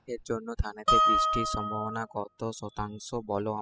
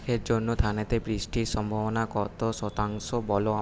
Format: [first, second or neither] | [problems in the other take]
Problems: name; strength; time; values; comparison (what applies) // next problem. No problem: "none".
second | noise reduction (classical method spectral subtraction)